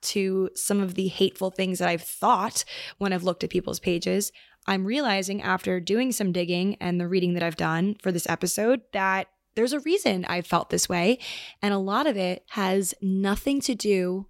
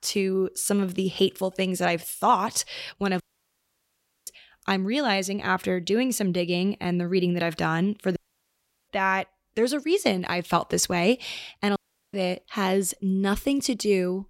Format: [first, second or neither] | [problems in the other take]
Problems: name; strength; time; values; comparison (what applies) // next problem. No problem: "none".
first | audio cutting out; at 3 s for 1 s, at 8 s for 0.5 s and at 12 s